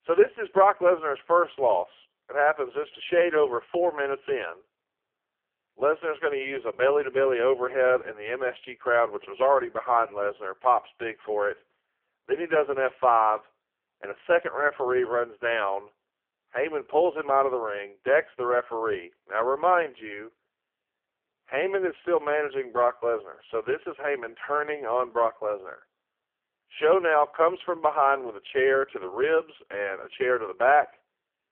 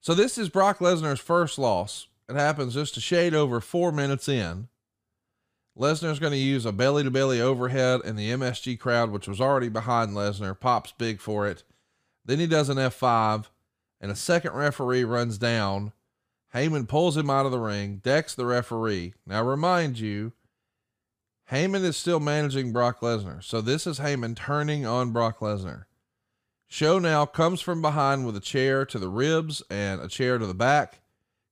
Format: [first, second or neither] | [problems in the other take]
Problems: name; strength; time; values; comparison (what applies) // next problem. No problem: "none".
second | phone-call audio; poor line; nothing above 3 kHz